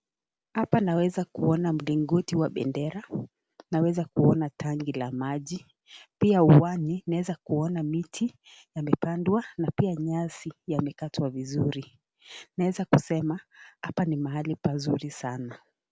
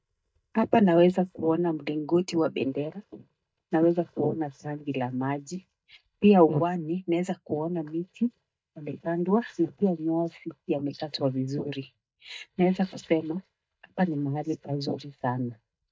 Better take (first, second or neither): first